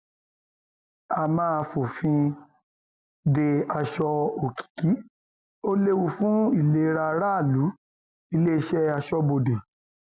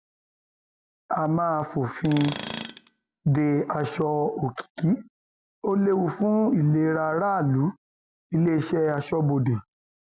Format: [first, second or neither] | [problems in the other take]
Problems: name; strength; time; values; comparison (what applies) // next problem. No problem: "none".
first | background sound (Tools); 12 dB below the speech